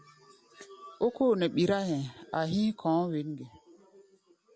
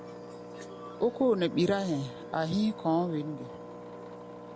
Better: first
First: none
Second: background sound (Engine); 13 dB below the speech

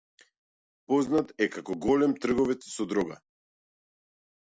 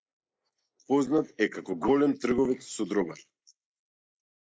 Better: first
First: none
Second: noise reduction (neural mask model Resemble Enhance denoiser)

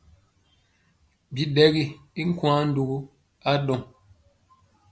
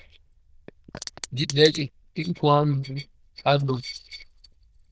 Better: first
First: none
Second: noise reduction (neural diffusion model UNIVERSE++)

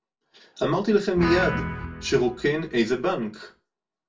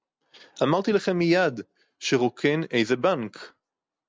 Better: second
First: background sound (Guitar); 7 dB below the speech // room echo; dies away in 0.2 s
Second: none

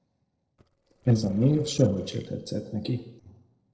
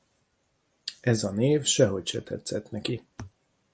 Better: second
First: noise reduction (neural separator model SepFormer DNS4)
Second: none

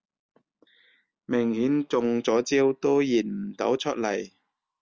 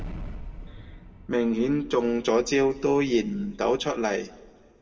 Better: first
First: none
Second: background sound (Explosion); 15 dB below the speech // room echo; dies away in 1.3 s

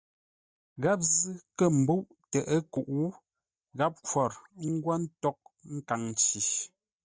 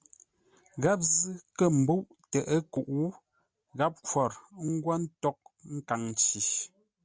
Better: second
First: noise reduction (neural mask model DeepFilterNet 3)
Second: none

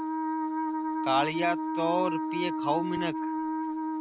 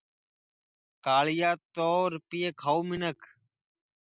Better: second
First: background sound (Wind instrument, woodwind instrument); 1 dB above the speech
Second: none

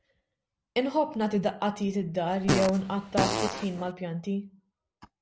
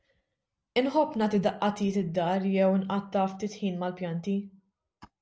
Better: second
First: background sound (Fart); 1 dB below the speech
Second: none

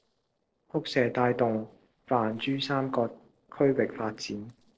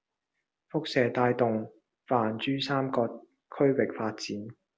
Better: second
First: noise reduction (neural separator model SepFormer DNS4)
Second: none

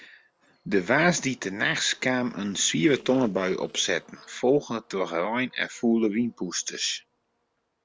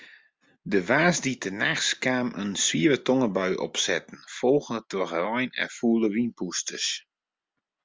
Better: second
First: noise reduction (neural separator model SepFormer DNS4)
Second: none

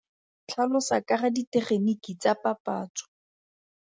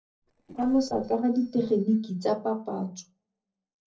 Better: first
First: none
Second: noise reduction (neural separator model SepFormer DNS4)

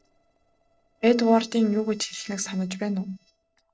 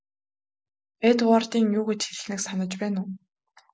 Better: second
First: noise reduction (neural separator model SepFormer DNS4)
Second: none

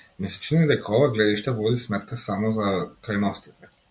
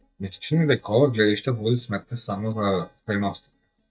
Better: first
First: none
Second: noise reduction (neural mask model DeepFilterNet 3)

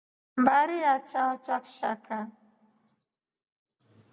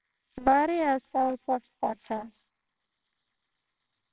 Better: first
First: none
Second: noise reduction (neural separator model SepFormer WHAMR!)

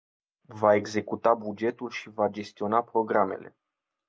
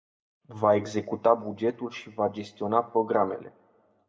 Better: first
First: none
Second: room echo; dies away in 0.6 s

